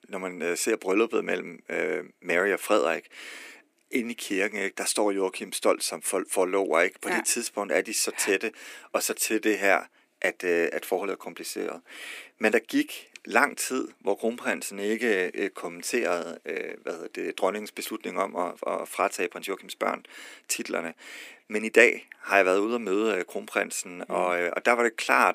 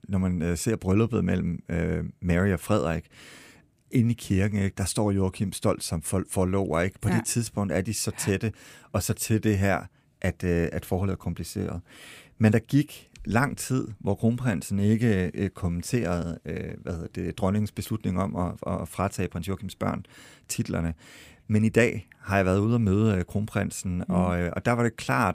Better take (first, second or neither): second